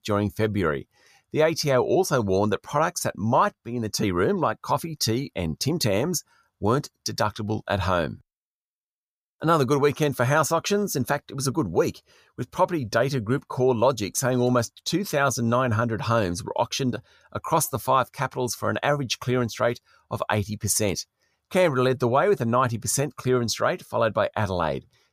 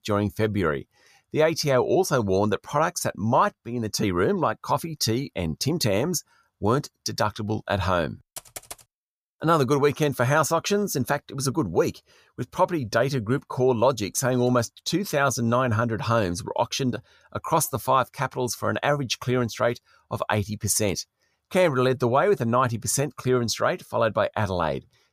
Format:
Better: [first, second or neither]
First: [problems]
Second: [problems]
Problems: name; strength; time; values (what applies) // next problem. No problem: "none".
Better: first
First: none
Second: keyboard typing; faint; at 8.5 s; peak 15 dB below the speech